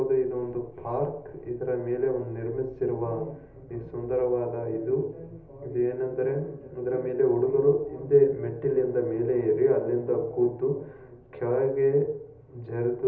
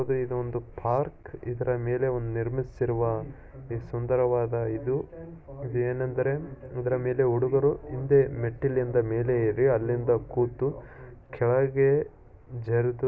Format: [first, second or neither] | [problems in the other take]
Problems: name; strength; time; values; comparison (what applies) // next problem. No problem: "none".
second | room echo; dies away in 1.2 s